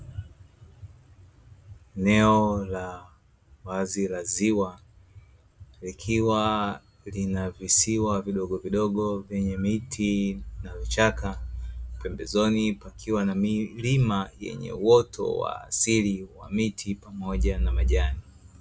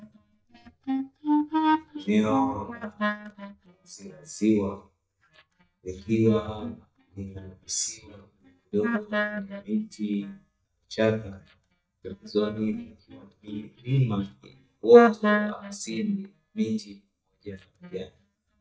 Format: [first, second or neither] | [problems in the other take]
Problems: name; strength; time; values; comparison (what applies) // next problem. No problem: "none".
first | noise reduction (neural mask model DeepFilterNet 3)